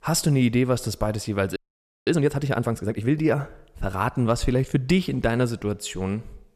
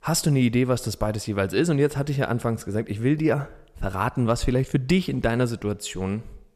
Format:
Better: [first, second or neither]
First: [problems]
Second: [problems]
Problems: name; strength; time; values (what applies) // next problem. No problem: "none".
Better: second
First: audio freezing; at 1.5 s for 0.5 s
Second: none